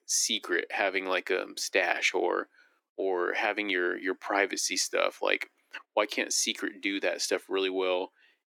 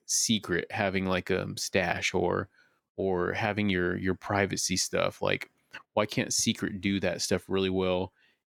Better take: second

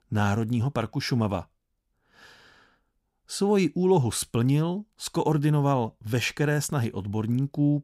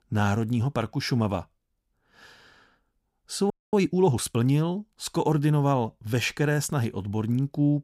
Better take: first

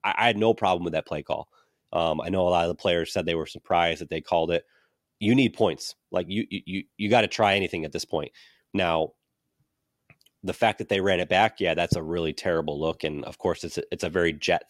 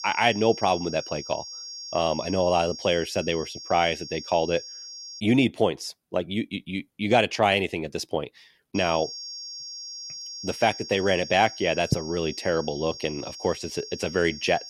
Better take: first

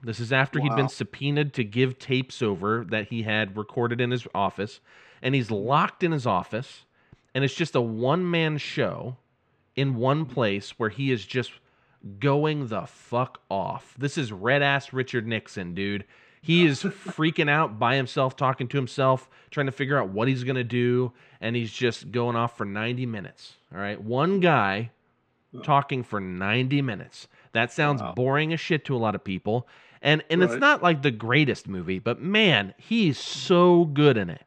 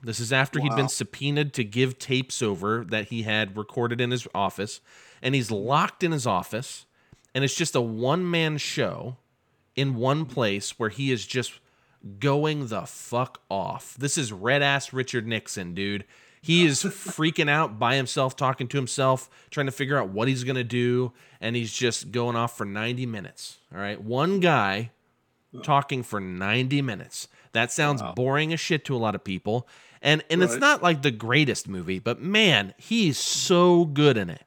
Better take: second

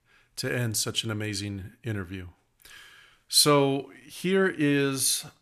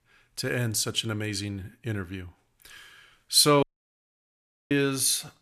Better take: first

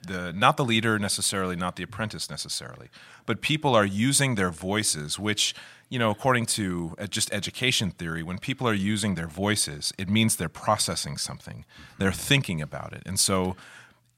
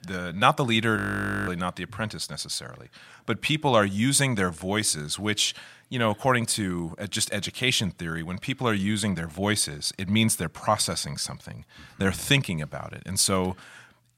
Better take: first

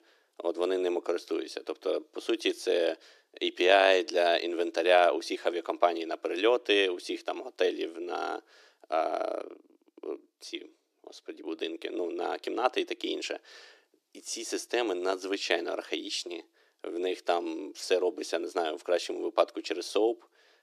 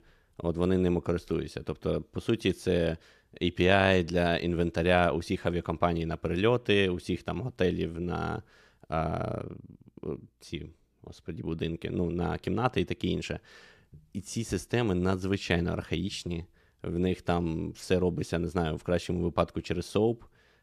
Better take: second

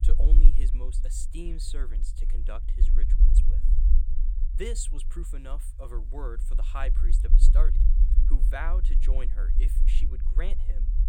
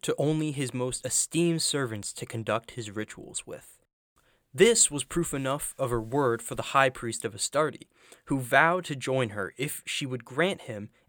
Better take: second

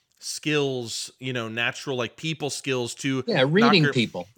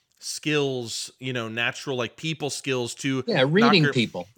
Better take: neither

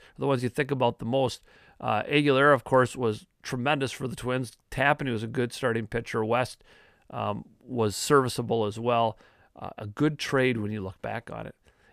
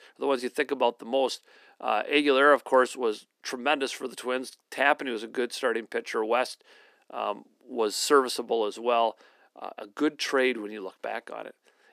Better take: first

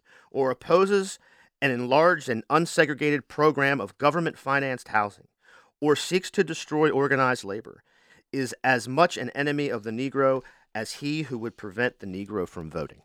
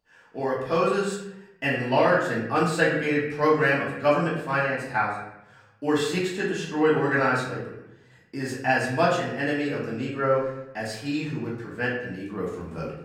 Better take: first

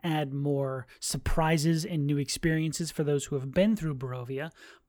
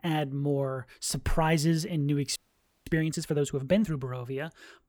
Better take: first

